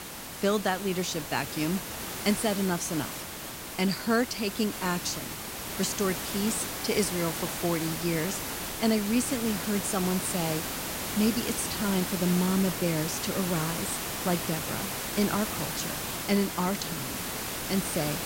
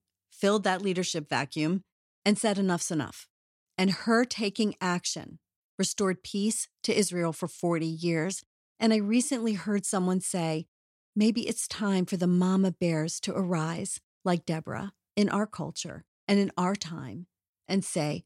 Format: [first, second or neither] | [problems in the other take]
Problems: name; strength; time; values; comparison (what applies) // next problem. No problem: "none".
second | hiss; loud; throughout; 3 dB below the speech